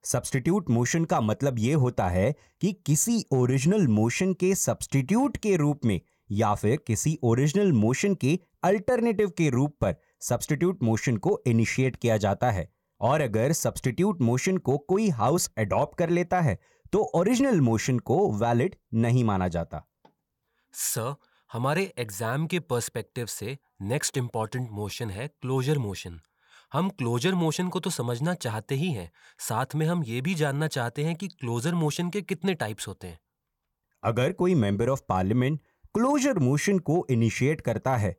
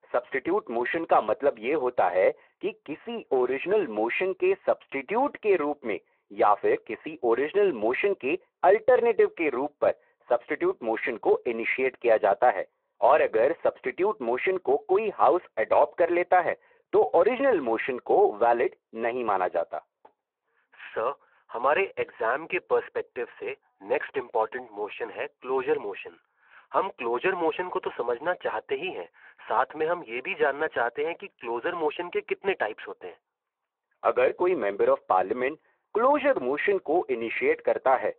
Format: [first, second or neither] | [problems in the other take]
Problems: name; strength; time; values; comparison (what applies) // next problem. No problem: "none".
first | phone-call audio